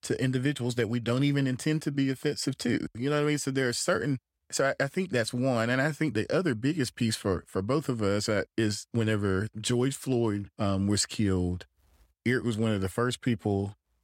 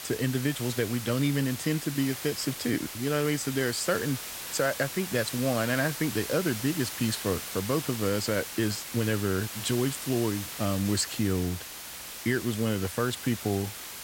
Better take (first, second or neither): first